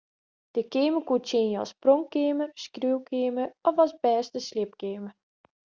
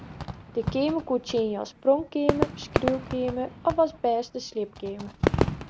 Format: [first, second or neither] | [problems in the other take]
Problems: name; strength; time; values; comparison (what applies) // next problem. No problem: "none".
first | background sound (Fireworks); 3 dB below the speech